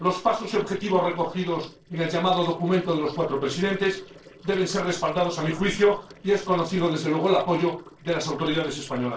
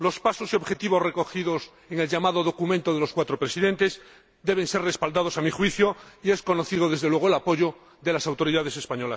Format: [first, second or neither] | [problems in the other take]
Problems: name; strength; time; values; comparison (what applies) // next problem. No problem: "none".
second | noise reduction (neural separator model SepFormer DNS4)